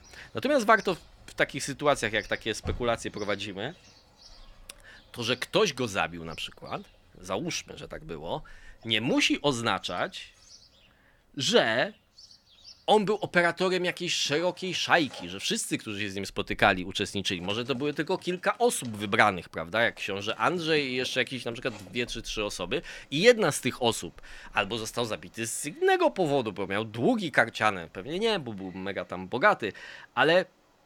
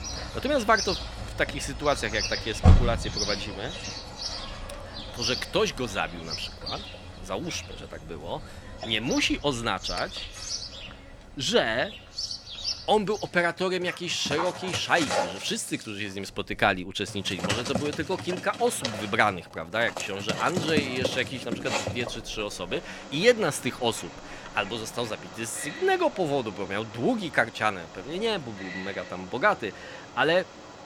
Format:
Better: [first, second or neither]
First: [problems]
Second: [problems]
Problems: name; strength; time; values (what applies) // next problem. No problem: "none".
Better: first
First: animal sounds; faint; throughout; 25 dB below the speech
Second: animal sounds; loud; throughout; 5 dB below the speech